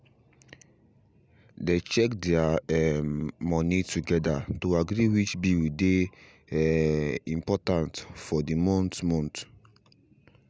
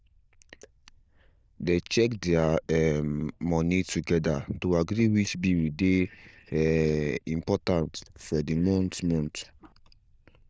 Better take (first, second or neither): first